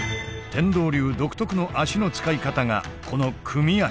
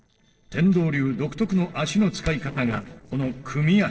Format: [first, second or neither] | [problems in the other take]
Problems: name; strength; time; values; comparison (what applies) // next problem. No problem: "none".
first | noise reduction (neural separator model SepFormer DNS4)